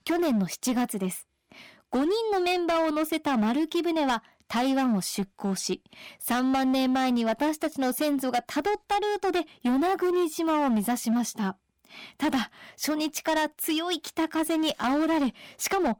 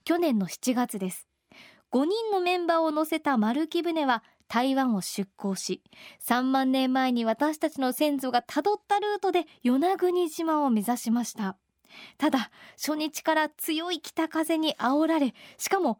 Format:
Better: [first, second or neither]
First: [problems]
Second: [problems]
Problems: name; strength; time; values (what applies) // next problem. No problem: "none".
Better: second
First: distortion; slight; 16% of the sound clipped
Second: none